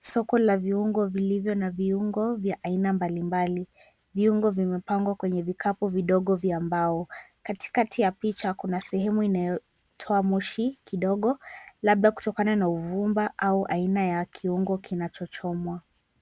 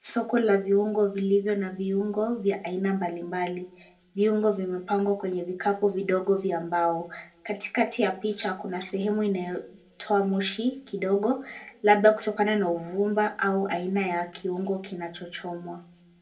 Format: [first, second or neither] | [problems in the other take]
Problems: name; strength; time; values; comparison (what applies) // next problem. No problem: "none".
first | room echo; dies away in 0.2 s